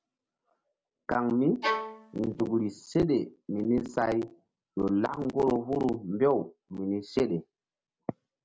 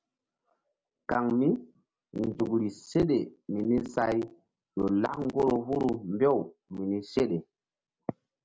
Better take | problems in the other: second | background sound (Bowed string instrument); 3 dB below the speech

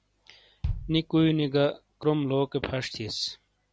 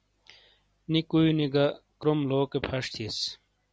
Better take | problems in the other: second | background sound (Bass drum); 10 dB below the speech

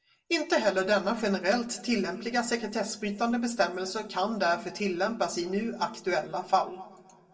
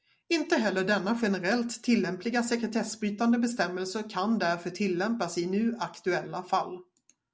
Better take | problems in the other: second | room echo; dies away in 1.8 s

